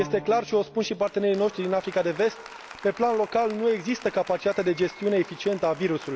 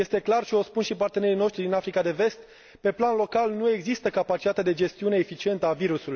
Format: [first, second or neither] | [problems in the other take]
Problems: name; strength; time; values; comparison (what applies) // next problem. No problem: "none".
second | background sound (Applause); 18 dB below the speech